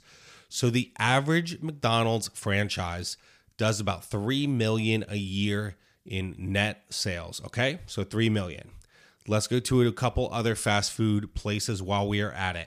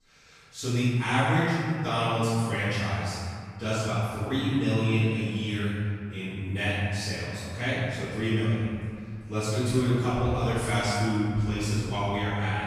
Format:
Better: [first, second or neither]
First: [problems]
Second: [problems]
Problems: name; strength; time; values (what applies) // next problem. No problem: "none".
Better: first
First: none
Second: room echo; strong; dies away in 2.1 s // off-mic speech; far